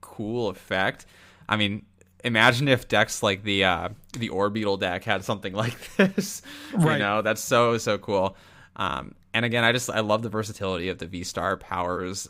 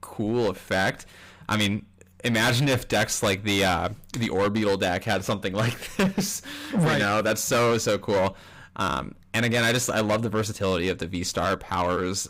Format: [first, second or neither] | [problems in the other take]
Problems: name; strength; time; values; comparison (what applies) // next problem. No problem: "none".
first | distortion; heavy; 12% of the sound clipped